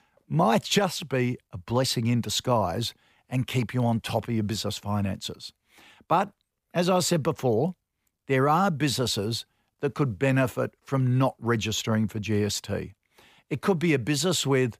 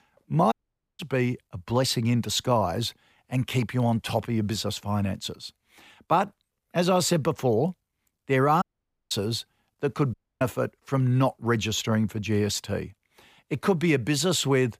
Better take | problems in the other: first | audio cutting out; at 0.5 s, at 8.5 s and at 10 s

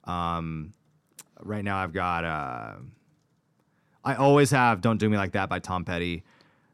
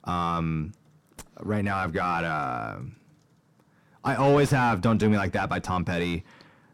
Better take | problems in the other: first | distortion; heavy; 7 dB below the speech

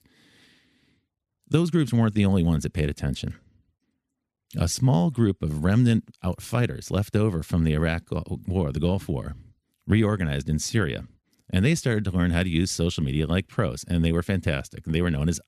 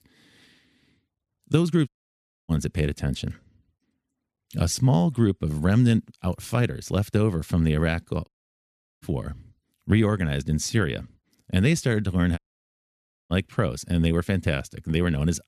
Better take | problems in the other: first | audio cutting out; at 2 s for 0.5 s, at 8.5 s for 0.5 s and at 12 s for 1 s

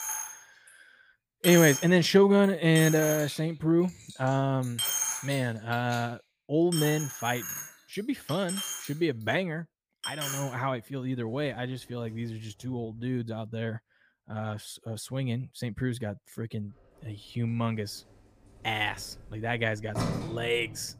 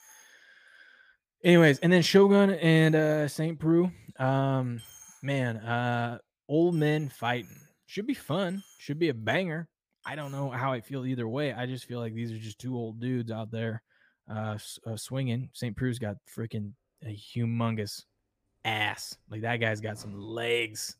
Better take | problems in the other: second | household noises; loud; throughout; 5 dB below the speech; faint in the second

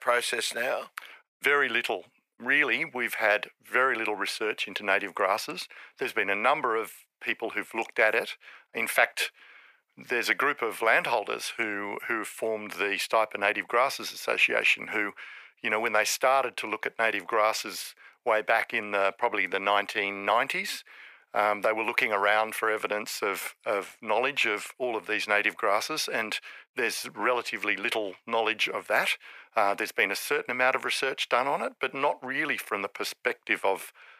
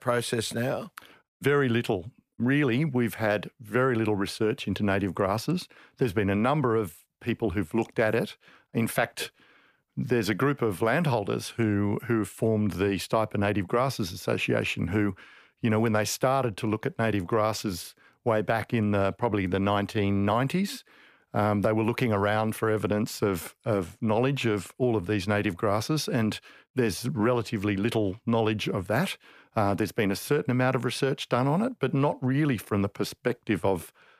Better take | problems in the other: second | thin; very; fading below 650 Hz

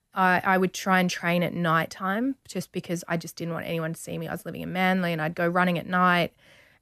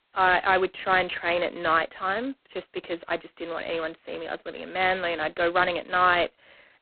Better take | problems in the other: first | phone-call audio; poor line; nothing above 4 kHz

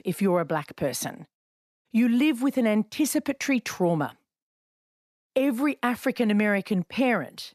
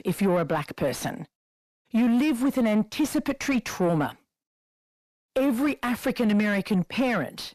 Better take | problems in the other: first | distortion; slight; 10 dB below the speech

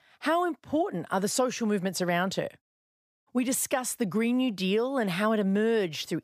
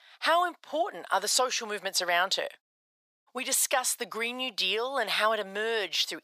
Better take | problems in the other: first | thin; very; fading below 800 Hz

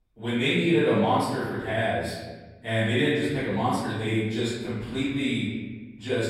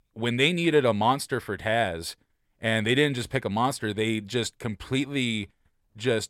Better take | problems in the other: second | off-mic speech; far // room echo; strong; dies away in 1.3 s

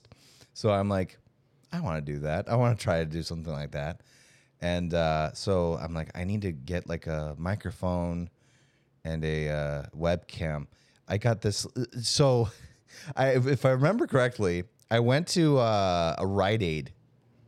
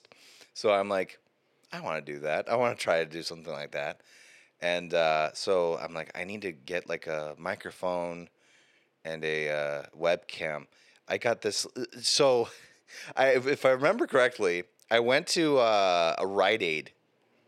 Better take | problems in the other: first | thin; somewhat; fading below 400 Hz

